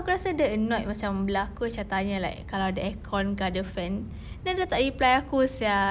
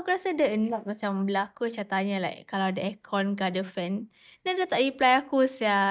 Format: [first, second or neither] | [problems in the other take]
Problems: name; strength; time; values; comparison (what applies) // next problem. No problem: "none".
first | noise reduction (neural mask model DeepFilterNet 3)